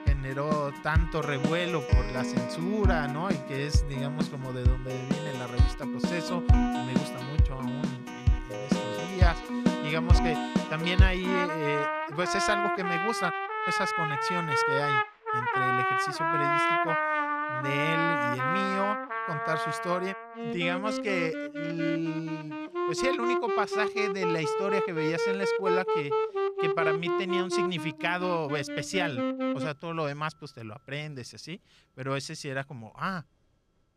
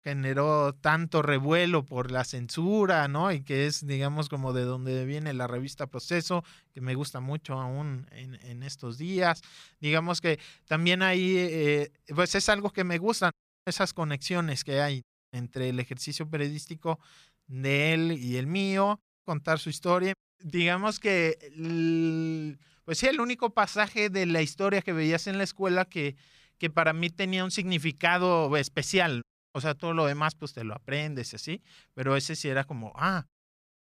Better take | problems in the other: second | background music; very loud; throughout; 4 dB above the speech

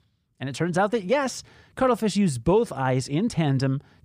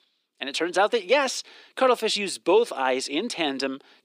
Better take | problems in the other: first | thin; somewhat; fading below 300 Hz

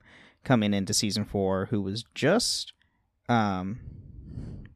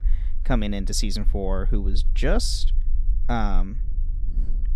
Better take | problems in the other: first | low rumble; faint; throughout; 25 dB below the speech

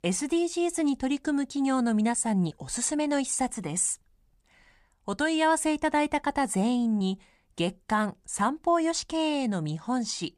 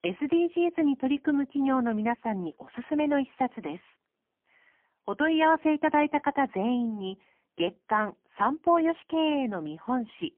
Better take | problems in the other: first | phone-call audio; poor line; nothing above 3 kHz

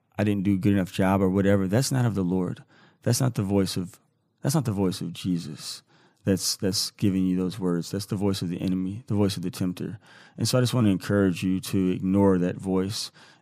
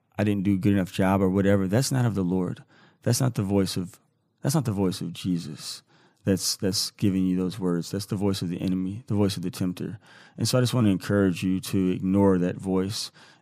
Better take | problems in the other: neither | none

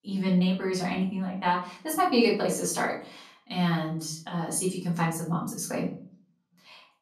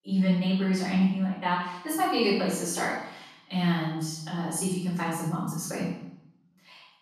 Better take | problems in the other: first | room echo; strong; dies away in 0.8 s; slight in the first // off-mic speech; far; far in the first

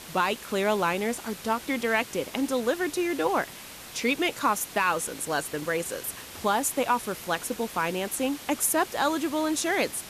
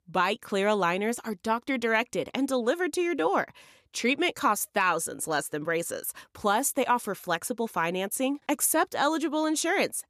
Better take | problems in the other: second | hiss; noticeable; throughout; 15 dB below the speech

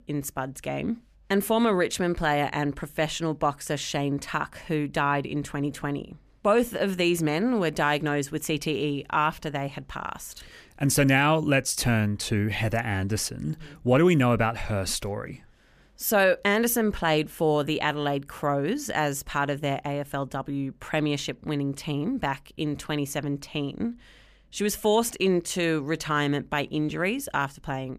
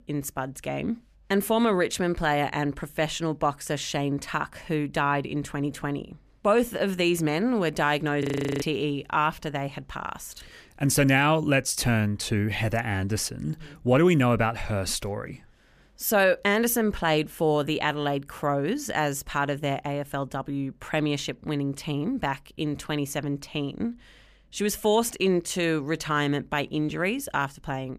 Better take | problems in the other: first | audio freezing; at 8 s

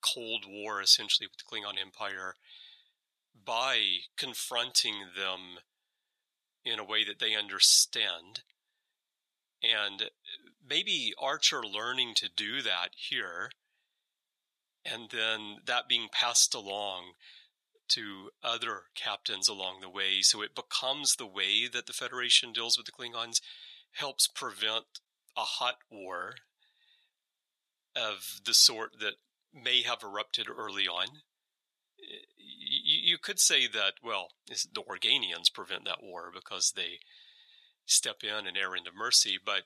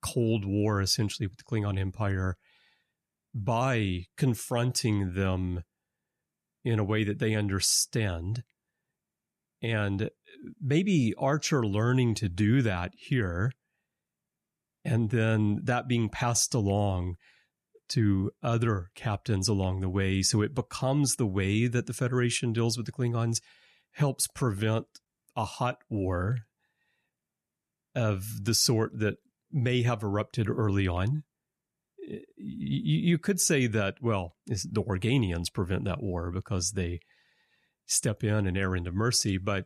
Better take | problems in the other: second | thin; very; fading below 800 Hz

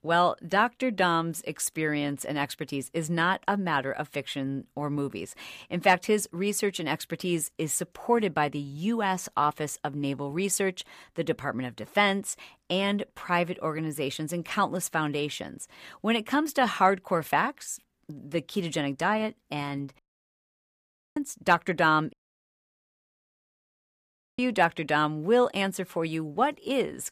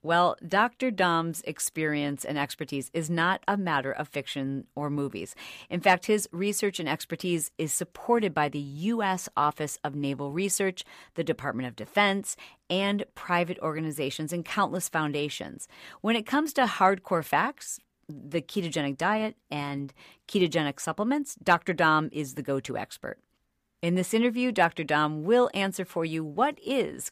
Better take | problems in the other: second | audio cutting out; at 20 s for 1 s and at 22 s for 2.5 s

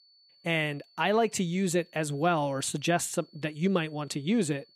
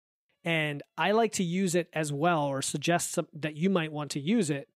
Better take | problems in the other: second | high-pitched whine; faint; throughout; 4.5 kHz, 30 dB below the speech

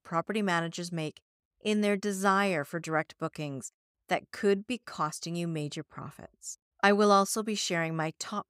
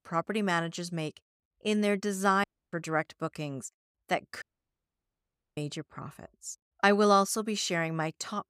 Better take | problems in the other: first | audio cutting out; at 2.5 s and at 4.5 s for 1 s

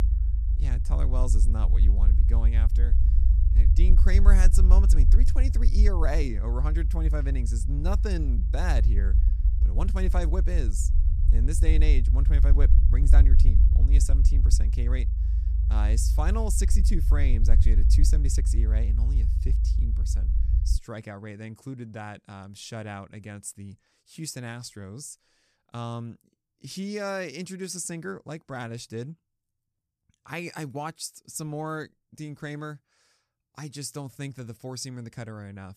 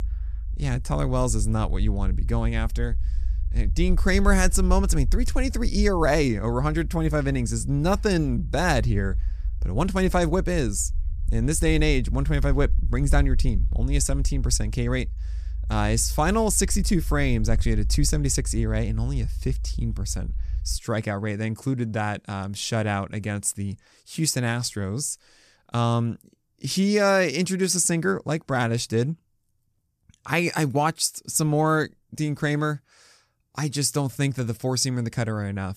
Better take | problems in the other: second | low rumble; loud; until 21 s; 7 dB below the speech; faint in the second

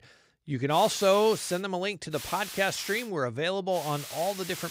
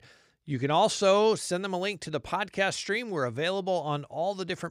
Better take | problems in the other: second | hiss; noticeable; at 0.5 s, at 2 s and at 4 s; 10 dB below the speech

